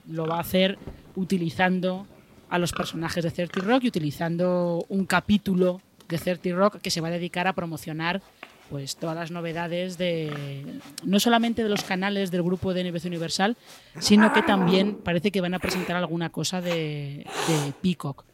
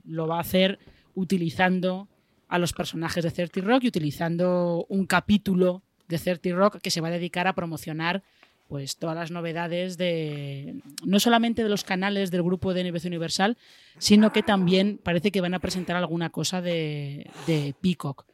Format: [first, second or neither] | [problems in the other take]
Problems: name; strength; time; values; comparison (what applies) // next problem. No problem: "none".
second | animal sounds; loud; throughout; 7 dB below the speech; faint in the second